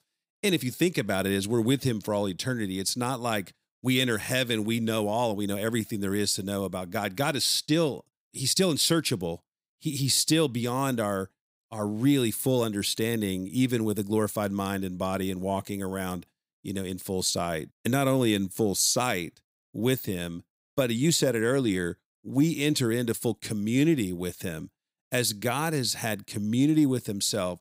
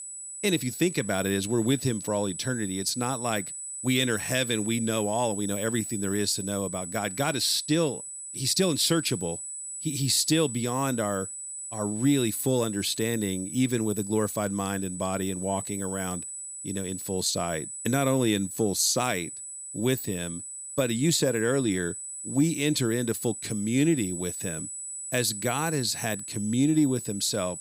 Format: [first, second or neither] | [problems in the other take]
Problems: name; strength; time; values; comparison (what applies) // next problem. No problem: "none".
first | high-pitched whine; loud; throughout; 8 kHz, 8 dB below the speech